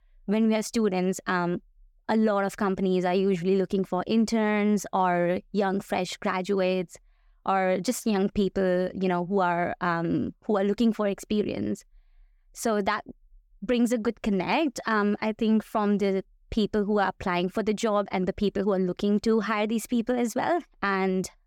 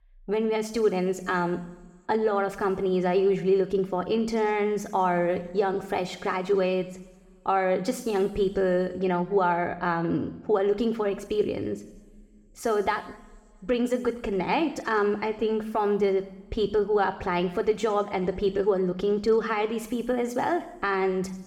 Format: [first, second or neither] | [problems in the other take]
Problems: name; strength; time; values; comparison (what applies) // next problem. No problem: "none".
first | room echo; slight; dies away in 1.7 s